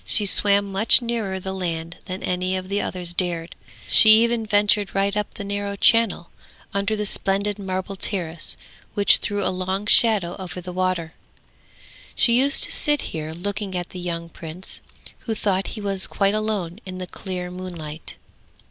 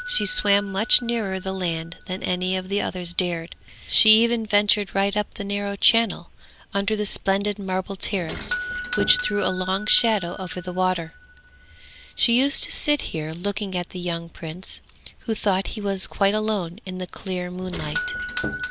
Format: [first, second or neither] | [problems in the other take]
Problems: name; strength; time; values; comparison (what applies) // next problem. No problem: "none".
first | background sound (Doorbell); 12 dB below the speech